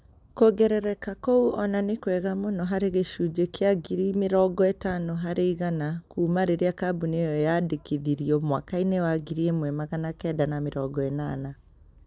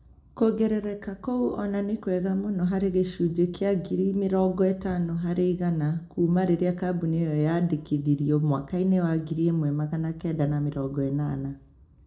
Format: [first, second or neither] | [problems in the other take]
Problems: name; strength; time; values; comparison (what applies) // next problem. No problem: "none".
first | room echo; dies away in 0.3 s